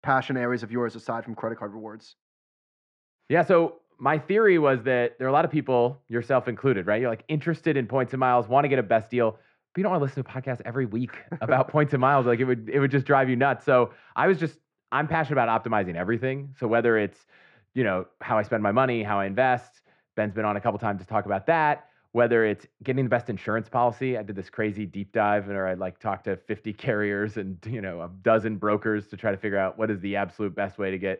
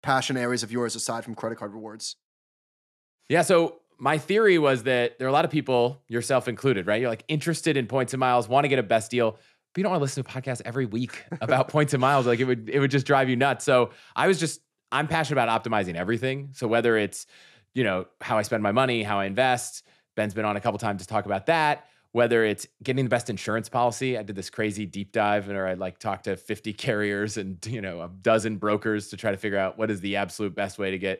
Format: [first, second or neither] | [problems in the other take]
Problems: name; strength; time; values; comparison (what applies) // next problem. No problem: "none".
second | muffled; very; fading above 1.5 kHz